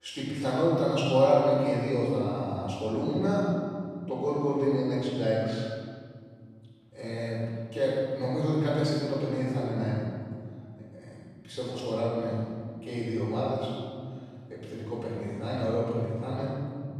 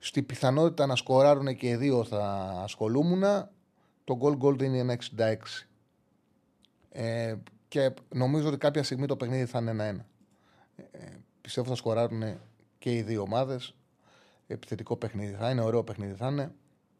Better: second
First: room echo; strong; dies away in 2.1 s // off-mic speech; far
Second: none

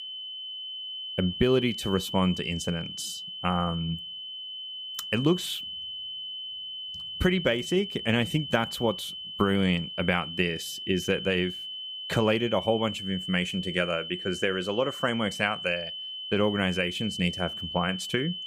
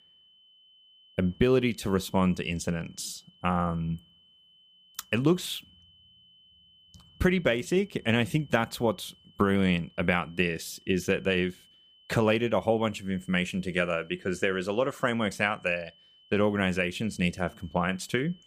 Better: second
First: high-pitched whine; loud; throughout; 3 kHz, 7 dB below the speech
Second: high-pitched whine; faint; throughout; 3 kHz, 30 dB below the speech

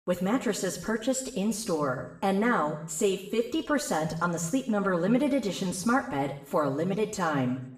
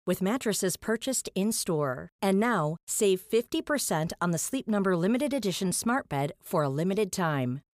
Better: second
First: room echo; slight; dies away in 0.7 s // off-mic speech; far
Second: none

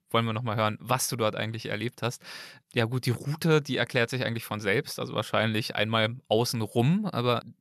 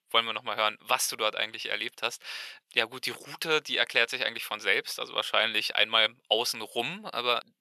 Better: first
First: none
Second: thin; very; fading below 550 Hz

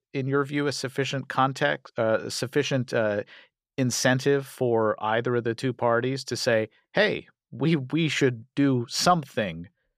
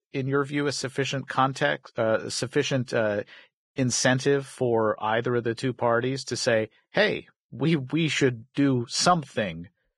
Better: first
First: none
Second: garbled, watery; badly; nothing above 10.5 kHz

